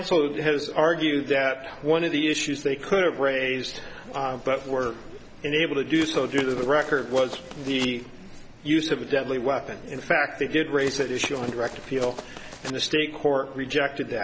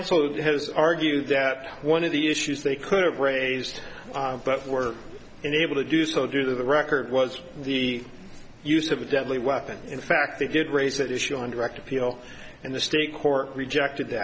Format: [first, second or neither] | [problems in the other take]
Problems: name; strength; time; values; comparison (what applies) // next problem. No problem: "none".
second | background sound (Run); 13 dB below the speech